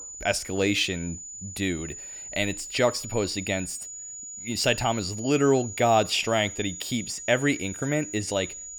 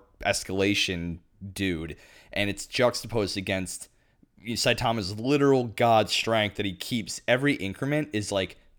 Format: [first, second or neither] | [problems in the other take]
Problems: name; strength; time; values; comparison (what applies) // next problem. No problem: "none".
second | high-pitched whine; noticeable; throughout; 7 kHz, 10 dB below the speech